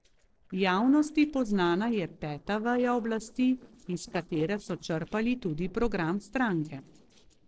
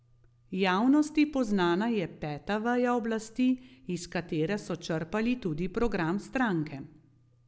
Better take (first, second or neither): second